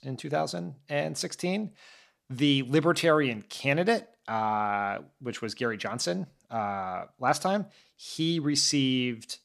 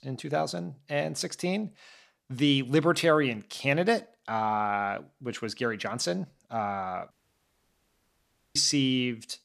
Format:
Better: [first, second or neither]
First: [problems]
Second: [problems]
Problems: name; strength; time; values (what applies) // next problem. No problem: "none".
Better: first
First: none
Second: audio cutting out; at 7 s for 1.5 s